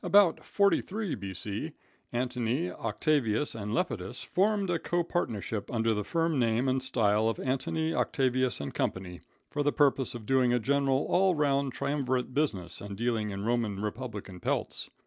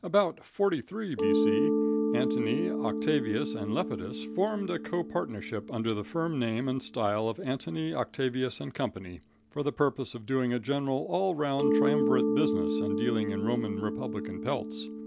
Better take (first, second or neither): first